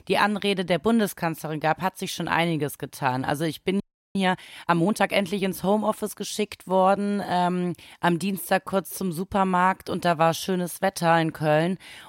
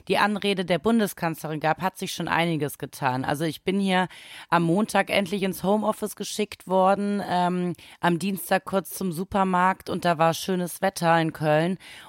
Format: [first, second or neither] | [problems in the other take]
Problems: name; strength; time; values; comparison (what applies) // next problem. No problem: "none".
second | audio freezing; at 4 s